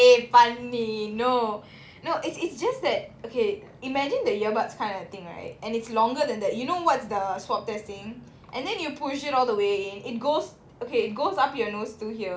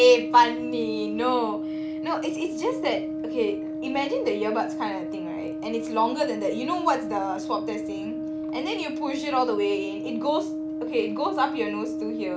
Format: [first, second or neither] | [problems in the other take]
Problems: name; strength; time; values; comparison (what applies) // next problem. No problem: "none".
first | background sound (Brass instrument); 4 dB below the speech